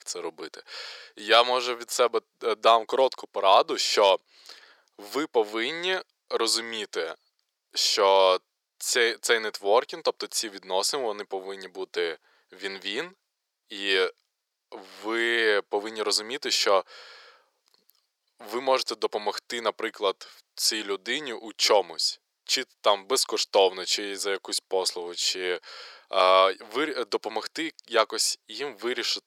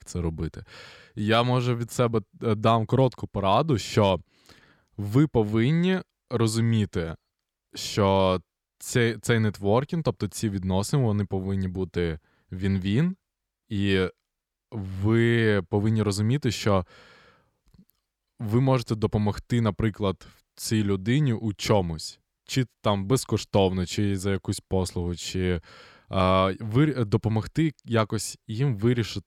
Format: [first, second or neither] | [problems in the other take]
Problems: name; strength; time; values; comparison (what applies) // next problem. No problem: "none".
second | thin; very; fading below 450 Hz